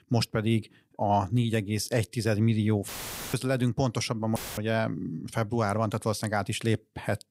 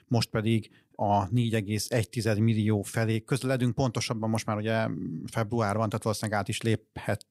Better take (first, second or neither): second